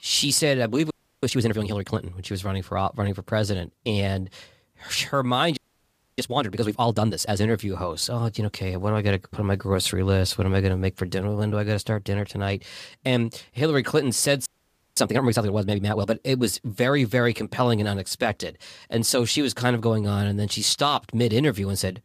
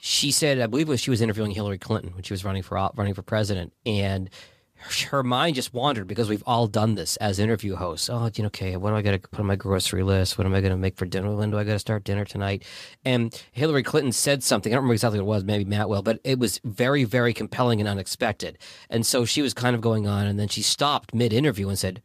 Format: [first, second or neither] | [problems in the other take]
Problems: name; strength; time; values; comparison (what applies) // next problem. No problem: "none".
second | audio freezing; at 1 s, at 5.5 s for 0.5 s and at 14 s for 0.5 s